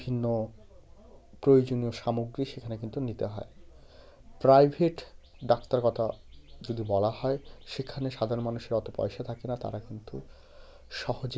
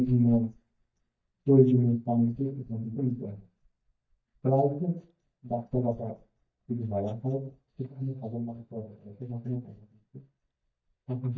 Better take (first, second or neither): first